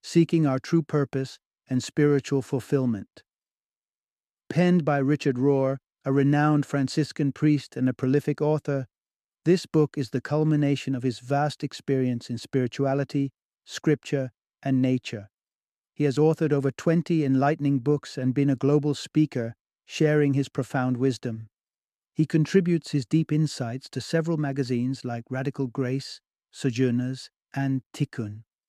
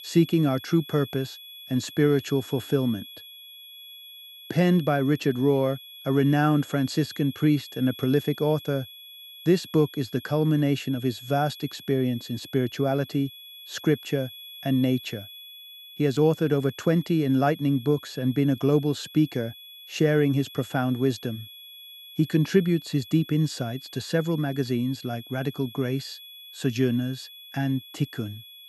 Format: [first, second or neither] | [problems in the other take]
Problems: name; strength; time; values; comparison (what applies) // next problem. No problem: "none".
first | high-pitched whine; noticeable; throughout; 3.5 kHz, 15 dB below the speech